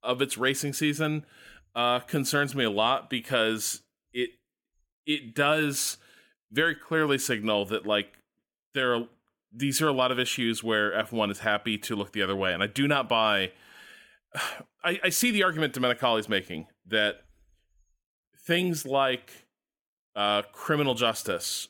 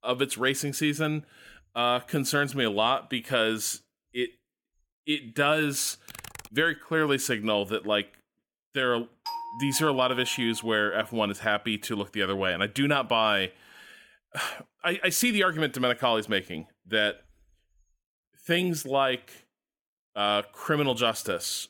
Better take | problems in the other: first | keyboard typing; faint; at 6 s; peak 15 dB below the speech // doorbell; noticeable; from 9.5 to 11 s; peak 9 dB below the speech

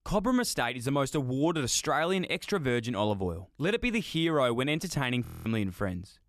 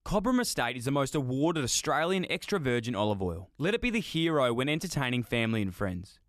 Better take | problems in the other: second | audio freezing; at 5.5 s

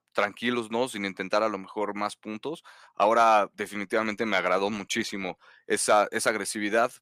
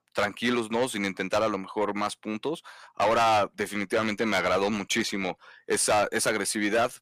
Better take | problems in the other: first | distortion; heavy; 7 dB below the speech

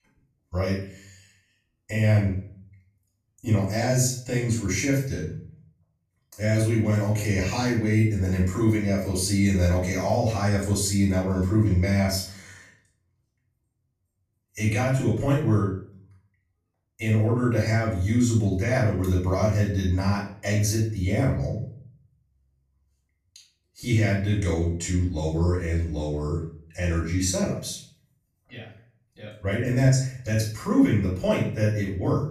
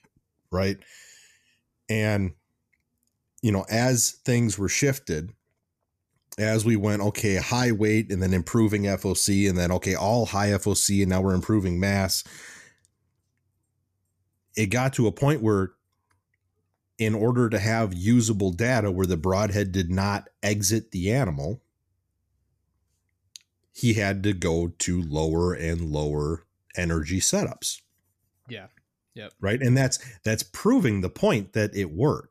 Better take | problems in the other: second | off-mic speech; far // room echo; noticeable; dies away in 0.5 s

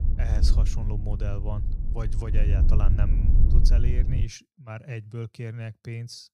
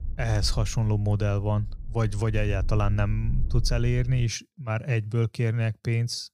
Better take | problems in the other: second | low rumble; loud; until 4 s; 3 dB below the speech; faint in the second

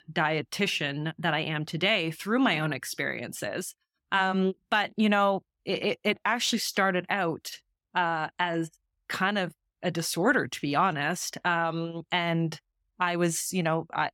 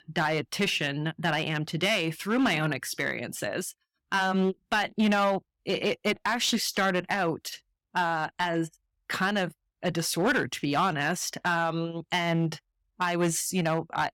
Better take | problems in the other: first | distortion; slight; 4% of the sound clipped

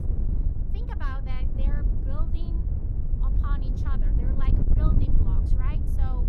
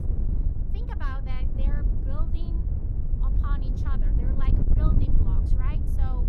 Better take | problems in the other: neither | wind noise on the microphone; heavy; 1 dB above the speech; the same in both

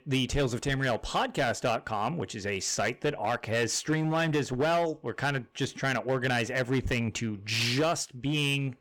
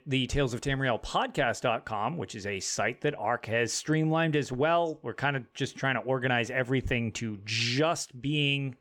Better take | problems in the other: second | distortion; slight; 10% of the sound clipped

